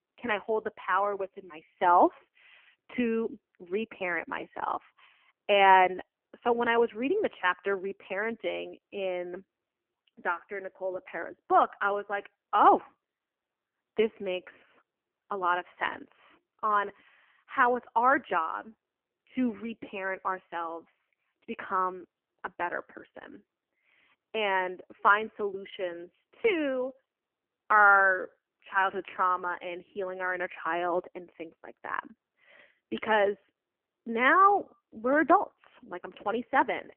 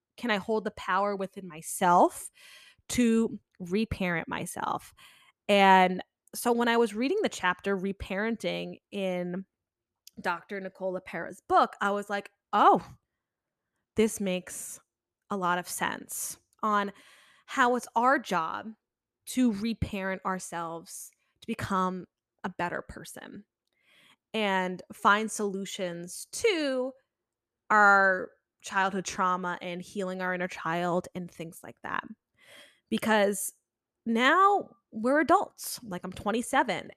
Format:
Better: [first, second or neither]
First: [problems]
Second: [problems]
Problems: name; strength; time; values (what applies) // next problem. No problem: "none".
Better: second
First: phone-call audio; poor line; nothing above 3 kHz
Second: none